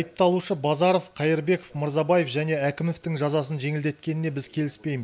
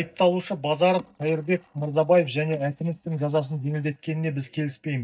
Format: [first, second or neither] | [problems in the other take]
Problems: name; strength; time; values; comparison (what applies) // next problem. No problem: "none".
first | noise reduction (neural mask model DeepFilterNet 3)